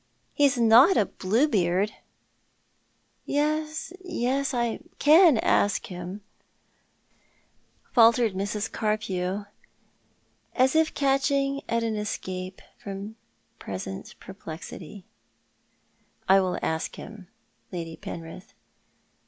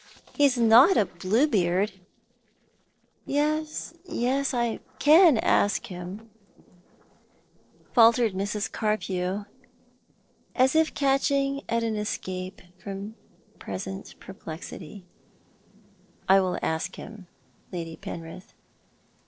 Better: first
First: none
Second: noise reduction (neural separator model SepFormer DNS4)

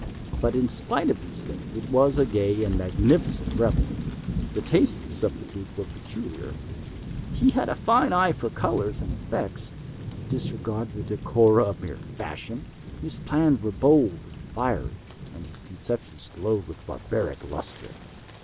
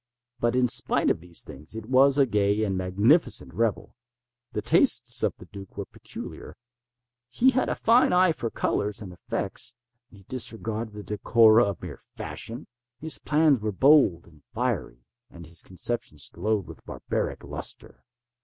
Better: second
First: background sound (Thunder / Rain); 7 dB below the speech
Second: none

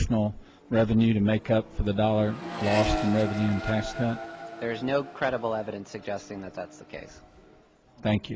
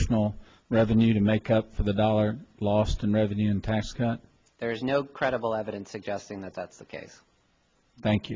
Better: second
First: background sound (Accelerating, revving, vroom); 11 dB below the speech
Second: none

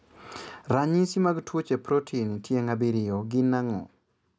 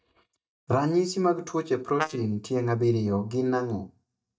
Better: first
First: none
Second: noise reduction (neural mask model DeepFilterNet 3)

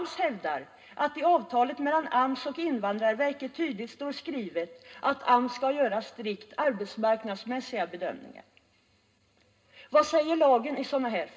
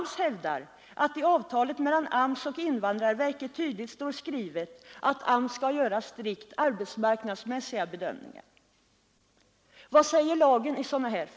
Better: second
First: room echo; dies away in 0.2 s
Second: none

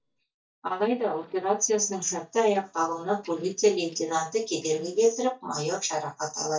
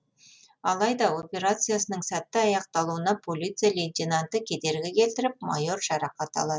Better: second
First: noise reduction (neural mask model DeepFilterNet 3)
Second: none

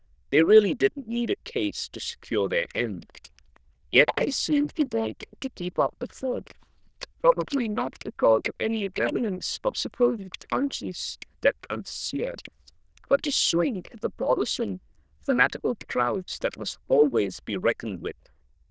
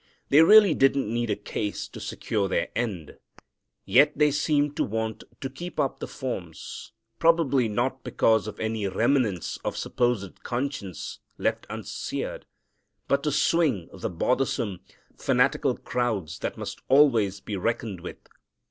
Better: second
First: noise reduction (neural diffusion model UNIVERSE++)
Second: none

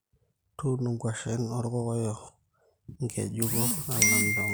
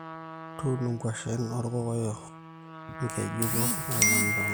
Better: first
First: none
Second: background sound (Trumpet); 12 dB below the speech

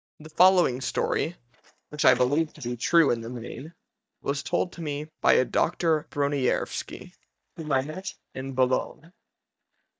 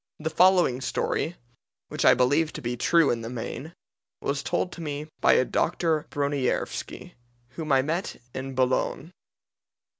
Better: second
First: noise reduction (neural mask model DeepFilterNet 3)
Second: none

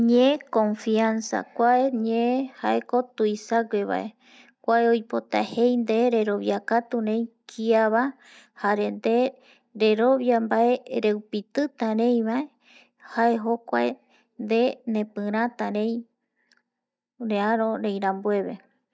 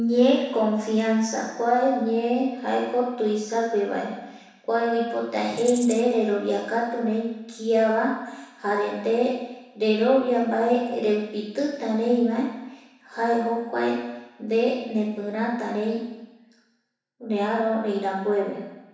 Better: first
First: none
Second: background sound (Rattle (instrument)); 14 dB below the speech // room echo; dies away in 1 s

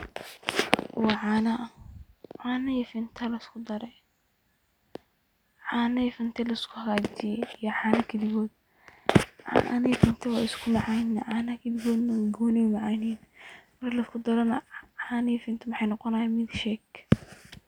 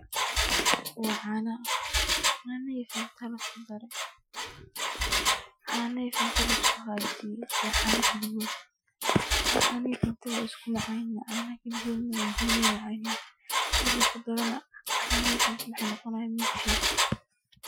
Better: first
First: none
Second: noise reduction (classical method Wiener filter)

